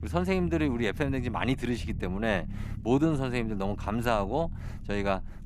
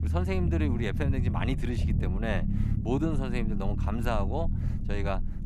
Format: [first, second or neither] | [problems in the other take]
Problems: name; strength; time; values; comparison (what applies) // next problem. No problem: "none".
first | low rumble; loud; throughout; 8 dB below the speech; faint in the first